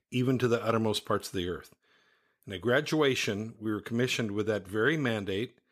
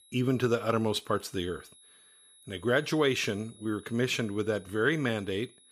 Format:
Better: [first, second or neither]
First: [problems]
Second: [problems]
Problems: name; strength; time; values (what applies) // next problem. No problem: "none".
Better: first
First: none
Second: high-pitched whine; faint; throughout; 4 kHz, 25 dB below the speech